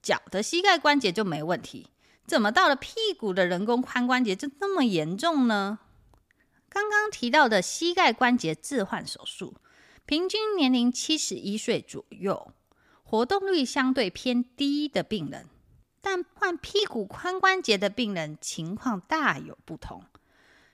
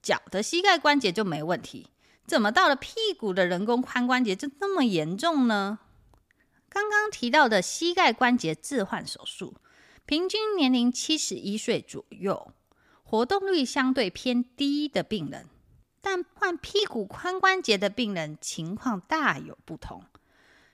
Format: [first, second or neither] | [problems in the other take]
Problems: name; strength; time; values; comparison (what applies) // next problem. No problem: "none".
neither | none